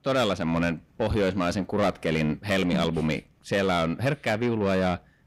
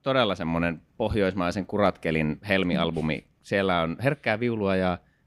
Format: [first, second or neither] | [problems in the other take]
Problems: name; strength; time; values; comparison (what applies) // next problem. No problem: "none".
second | distortion; slight; 10 dB below the speech